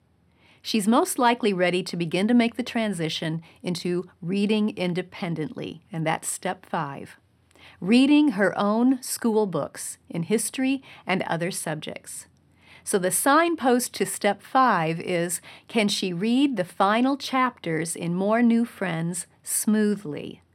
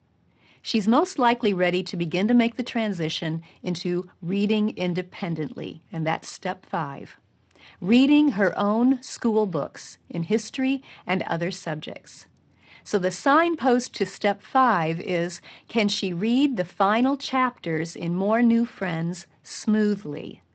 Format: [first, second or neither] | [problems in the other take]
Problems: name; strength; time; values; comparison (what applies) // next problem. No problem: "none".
first | garbled, watery; slightly; nothing above 8 kHz